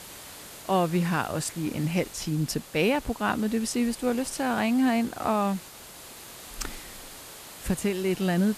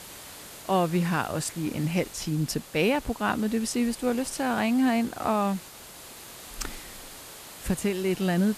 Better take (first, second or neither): neither